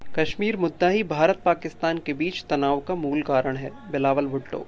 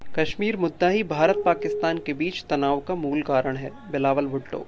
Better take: first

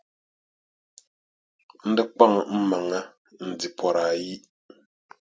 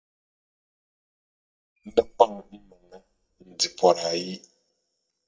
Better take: first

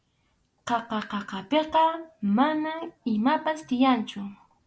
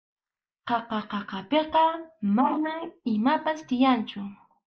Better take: first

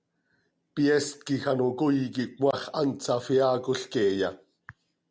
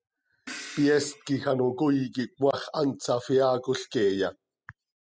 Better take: first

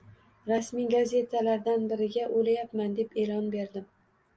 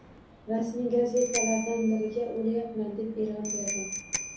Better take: first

